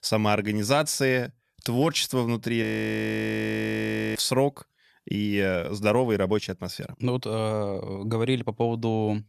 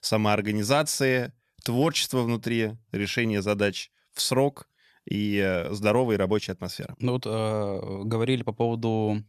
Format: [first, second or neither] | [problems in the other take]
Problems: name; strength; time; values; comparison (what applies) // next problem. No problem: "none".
second | audio freezing; at 2.5 s for 1.5 s